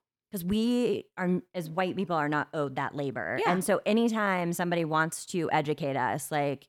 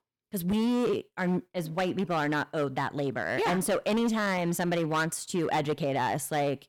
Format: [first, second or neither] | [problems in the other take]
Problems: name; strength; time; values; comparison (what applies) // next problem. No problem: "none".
first | distortion; slight; 13% of the sound clipped